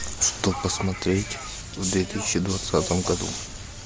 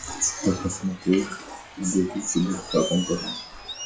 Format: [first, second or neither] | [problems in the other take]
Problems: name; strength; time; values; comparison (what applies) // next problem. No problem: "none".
first | noise reduction (classical method WPE with log-MMSE)